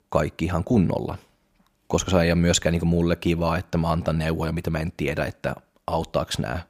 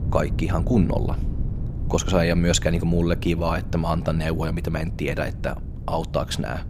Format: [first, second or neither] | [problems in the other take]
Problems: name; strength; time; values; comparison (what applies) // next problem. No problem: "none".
first | wind noise on the microphone; occasional gusts; 15 dB below the speech